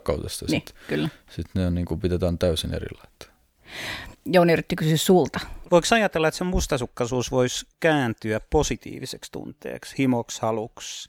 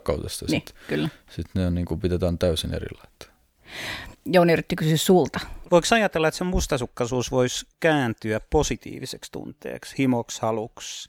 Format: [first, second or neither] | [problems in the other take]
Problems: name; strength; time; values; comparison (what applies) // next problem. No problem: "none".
neither | none